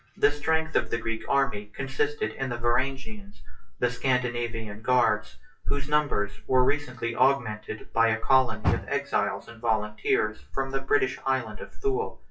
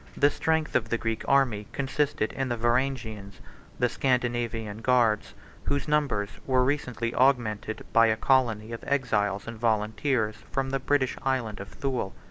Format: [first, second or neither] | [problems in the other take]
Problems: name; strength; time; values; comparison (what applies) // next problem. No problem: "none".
second | noise reduction (classical method WPE with log-MMSE)